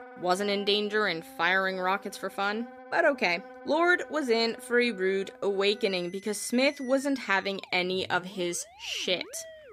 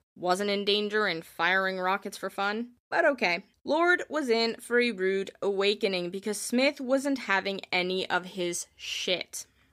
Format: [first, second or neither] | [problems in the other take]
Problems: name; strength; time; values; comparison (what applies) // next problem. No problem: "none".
second | background music; faint; throughout; 20 dB below the speech